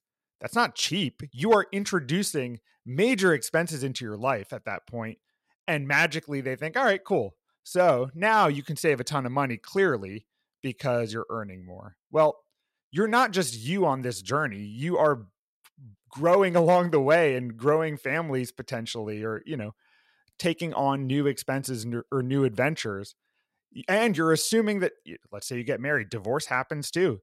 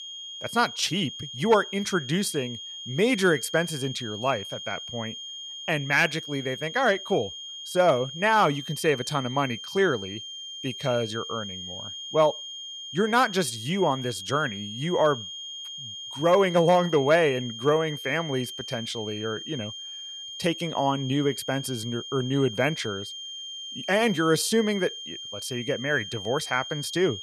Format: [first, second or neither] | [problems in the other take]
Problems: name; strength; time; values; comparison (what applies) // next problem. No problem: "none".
first | high-pitched whine; loud; throughout; 3 kHz, 10 dB below the speech